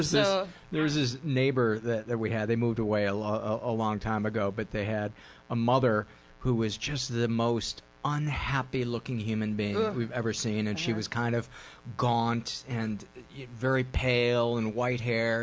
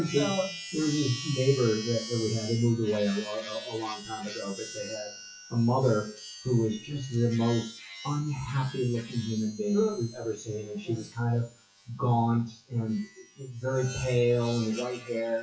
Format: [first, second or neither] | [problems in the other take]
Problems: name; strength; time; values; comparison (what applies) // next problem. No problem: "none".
first | noise reduction (classical method WPE with log-MMSE)